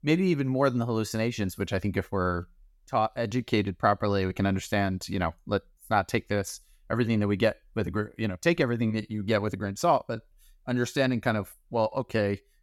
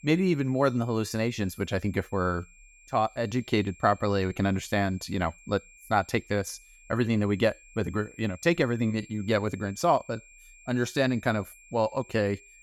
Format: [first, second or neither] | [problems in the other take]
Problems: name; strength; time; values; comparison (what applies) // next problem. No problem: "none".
first | high-pitched whine; faint; throughout; 2.5 kHz, 25 dB below the speech